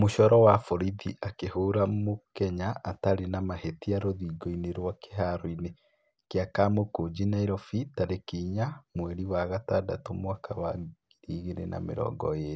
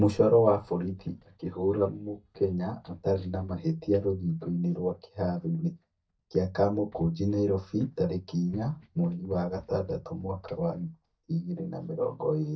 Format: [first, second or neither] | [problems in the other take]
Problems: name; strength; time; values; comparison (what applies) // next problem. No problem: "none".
first | noise reduction (neural mask model DeepFilterNet 3)